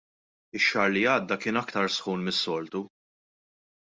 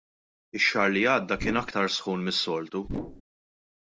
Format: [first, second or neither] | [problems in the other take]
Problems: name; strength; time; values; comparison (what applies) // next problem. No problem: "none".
first | background sound (Whoosh, swoosh, swish); 5 dB below the speech